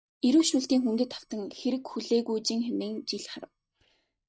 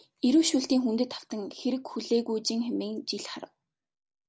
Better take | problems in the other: second | noise reduction (neural mask model DeepFilterNet 3)

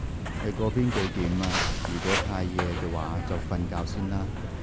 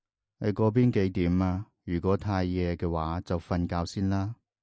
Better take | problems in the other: second | background sound (Walk, footsteps); as loud as the speech

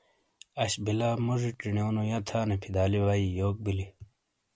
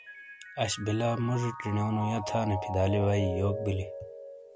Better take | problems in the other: first | background sound (Mallet percussion); 8 dB below the speech

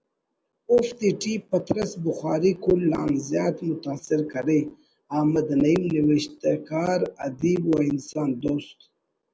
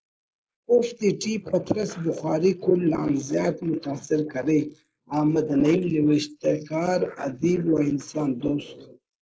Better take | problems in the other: first | noise reduction (neural mask model Resemble Enhance denoiser)

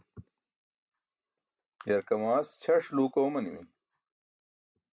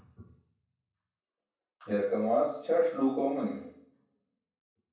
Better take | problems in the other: first | room echo; dies away in 0.6 s

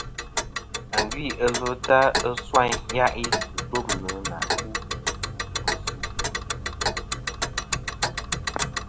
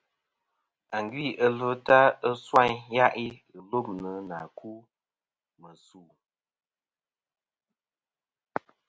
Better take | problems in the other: second | background sound (Tick); 1 dB below the speech

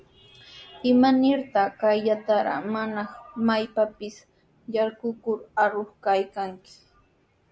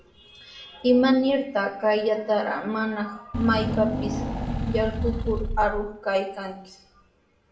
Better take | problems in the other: first | background sound (Engine / Car); 2 dB below the speech // room echo; dies away in 0.5 s

